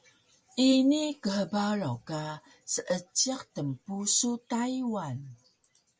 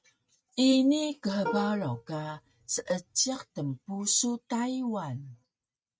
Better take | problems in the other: first | noise reduction (neural mask model RNNoise)

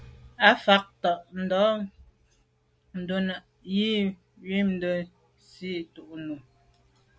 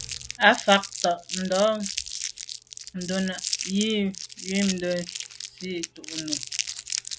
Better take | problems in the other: first | background sound (Crumpling, crinkling); 7 dB below the speech

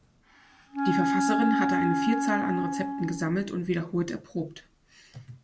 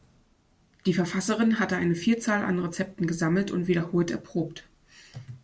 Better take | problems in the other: second | background sound (Wind instrument, woodwind instrument); 2 dB above the speech

